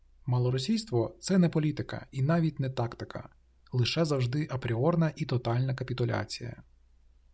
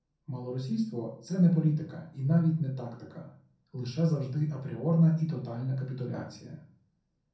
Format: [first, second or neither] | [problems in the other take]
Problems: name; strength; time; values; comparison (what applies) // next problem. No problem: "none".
first | room echo; dies away in 0.5 s